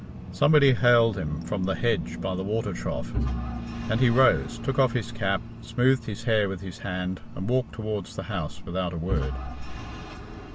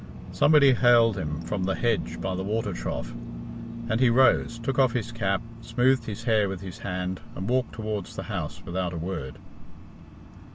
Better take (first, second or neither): second